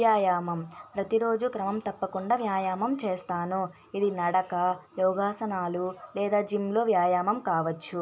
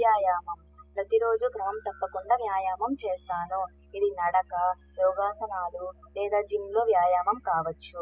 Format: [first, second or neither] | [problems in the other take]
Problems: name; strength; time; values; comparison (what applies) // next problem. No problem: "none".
first | noise reduction (classical method spectral subtraction)